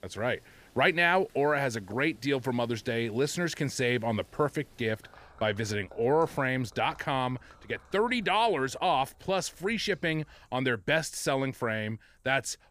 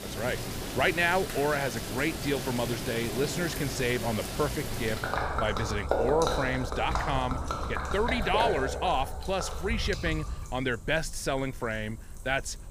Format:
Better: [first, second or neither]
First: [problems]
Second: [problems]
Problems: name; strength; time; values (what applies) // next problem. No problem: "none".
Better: first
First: rain or running water; faint; throughout; 25 dB below the speech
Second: rain or running water; loud; throughout; 3 dB below the speech